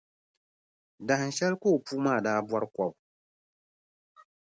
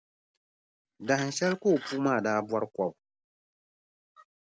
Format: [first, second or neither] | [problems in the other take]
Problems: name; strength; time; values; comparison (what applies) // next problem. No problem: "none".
first | background sound (Glass); 16 dB below the speech